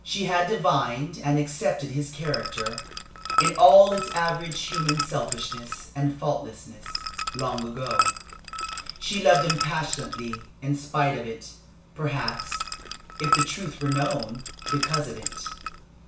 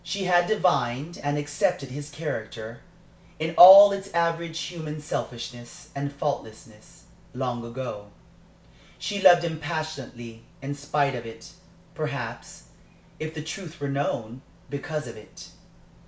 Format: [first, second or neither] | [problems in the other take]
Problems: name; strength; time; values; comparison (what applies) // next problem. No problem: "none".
second | background sound (Liquid); 4 dB below the speech // room echo; dies away in 0.4 s